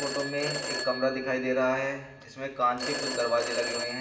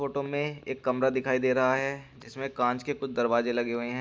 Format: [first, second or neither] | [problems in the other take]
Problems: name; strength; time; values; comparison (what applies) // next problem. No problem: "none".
second | background sound (Telephone); 6 dB below the speech // room echo; dies away in 1 s